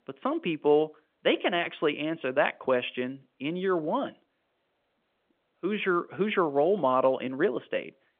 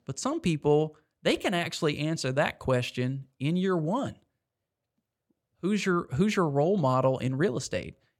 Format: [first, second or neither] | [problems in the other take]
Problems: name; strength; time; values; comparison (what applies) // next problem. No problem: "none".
second | phone-call audio; nothing above 3.5 kHz